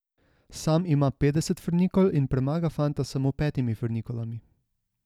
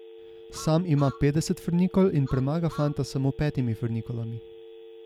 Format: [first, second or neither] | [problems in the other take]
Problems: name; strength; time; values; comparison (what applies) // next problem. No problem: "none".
first | background sound (Telephone + Truck); 18 dB below the speech